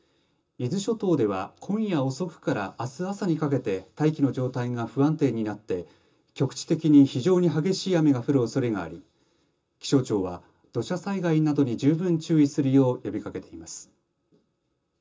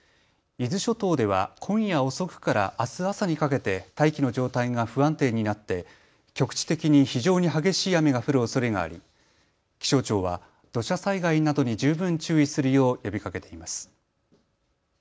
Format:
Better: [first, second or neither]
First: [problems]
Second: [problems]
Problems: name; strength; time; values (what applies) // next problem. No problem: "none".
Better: second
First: room echo; dies away in 0.2 s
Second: none